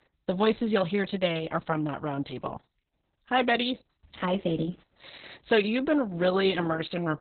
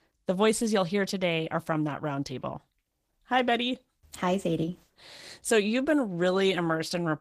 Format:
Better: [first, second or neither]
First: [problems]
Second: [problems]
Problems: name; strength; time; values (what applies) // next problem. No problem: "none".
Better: second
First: garbled, watery; badly; nothing above 4 kHz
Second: garbled, watery; slightly